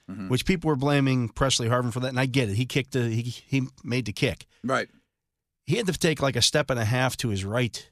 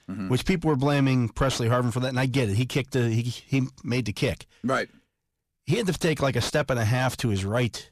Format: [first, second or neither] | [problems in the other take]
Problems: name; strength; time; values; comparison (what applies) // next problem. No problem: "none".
first | distortion; slight; 10 dB below the speech